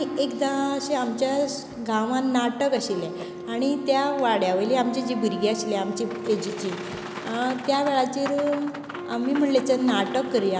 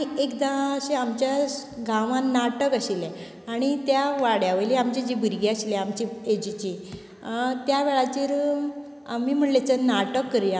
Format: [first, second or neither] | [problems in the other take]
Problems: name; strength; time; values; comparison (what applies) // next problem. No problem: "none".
second | background sound (Wind instrument, woodwind instrument + Boat, Water vehicle); 11 dB below the speech